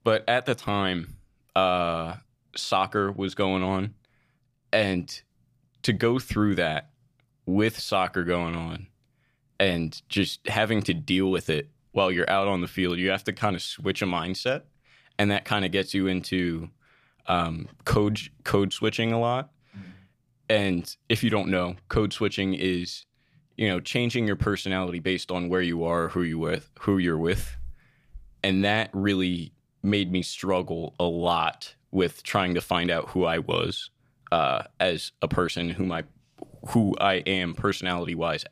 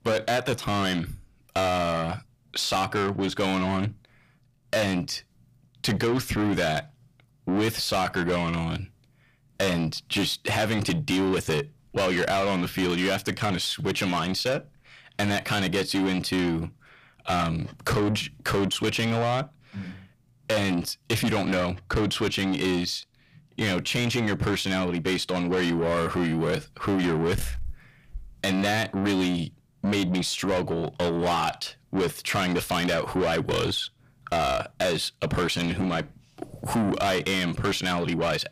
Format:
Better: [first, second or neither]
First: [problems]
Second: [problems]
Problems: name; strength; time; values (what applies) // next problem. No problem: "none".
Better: first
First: none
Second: distortion; heavy; 6 dB below the speech